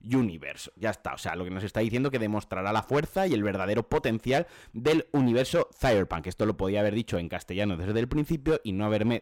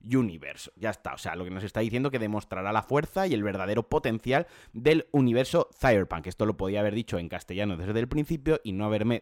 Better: second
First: distortion; slight; 5% of the sound clipped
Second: none

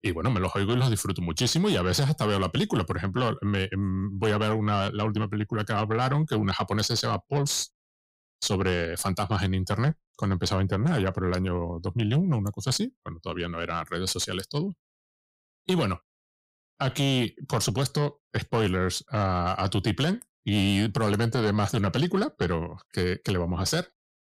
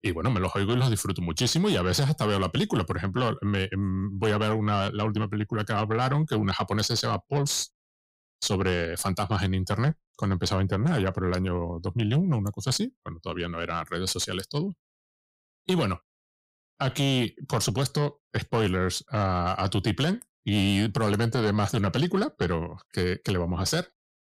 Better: neither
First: distortion; slight; 10 dB below the speech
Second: distortion; slight; 10 dB below the speech

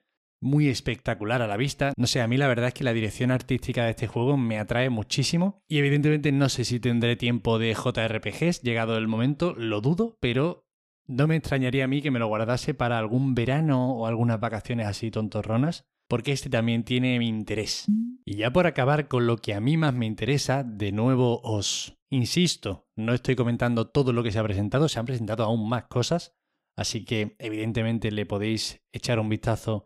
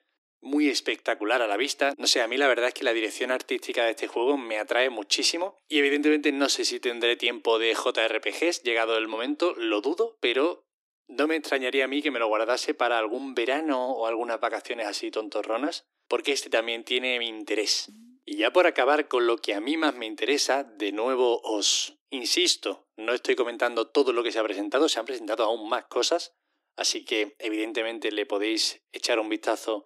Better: first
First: none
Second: thin; somewhat; fading below 300 Hz

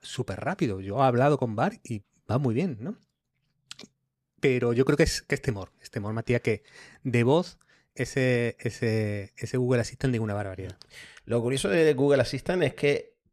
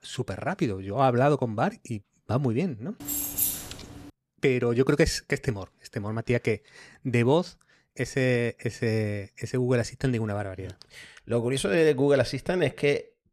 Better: first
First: none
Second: jangling keys; loud; at 3 s; peak 1 dB above the speech

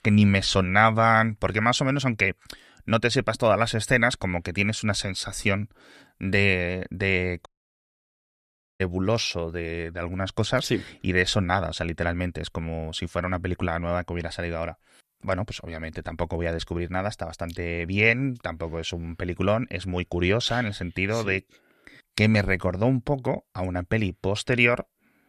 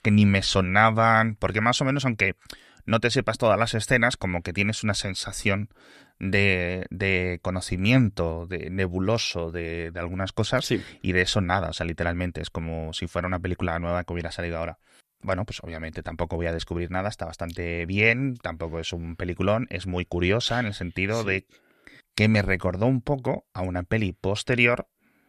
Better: second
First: audio cutting out; at 7.5 s for 1.5 s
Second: none

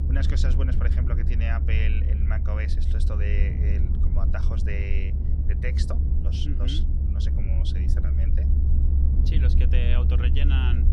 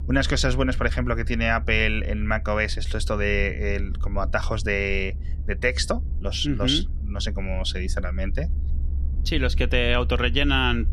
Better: second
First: low rumble; loud; throughout; 3 dB below the speech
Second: low rumble; faint; throughout; 25 dB below the speech

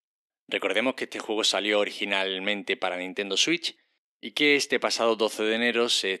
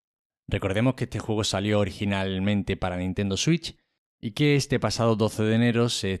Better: second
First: thin; somewhat; fading below 300 Hz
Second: none

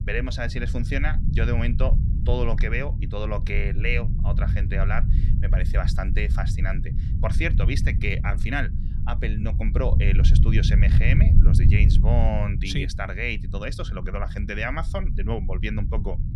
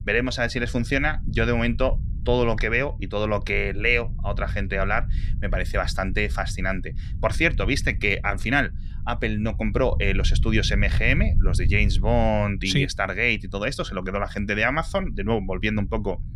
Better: second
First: low rumble; loud; throughout; 9 dB below the speech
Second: low rumble; faint; throughout; 20 dB below the speech

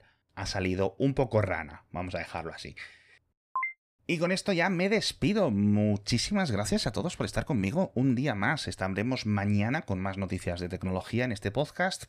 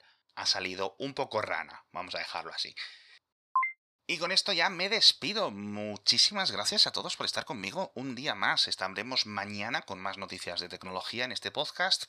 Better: first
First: none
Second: thin; somewhat; fading below 800 Hz

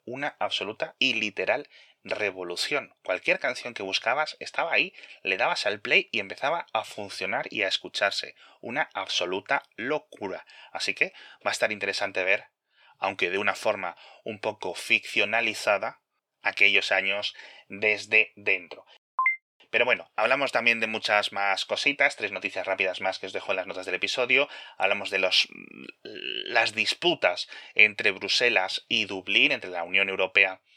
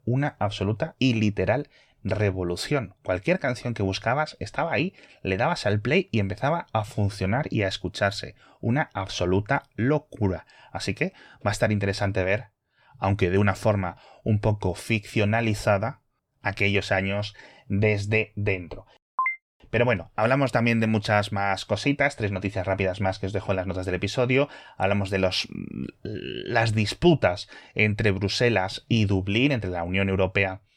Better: second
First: thin; very; fading below 450 Hz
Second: none

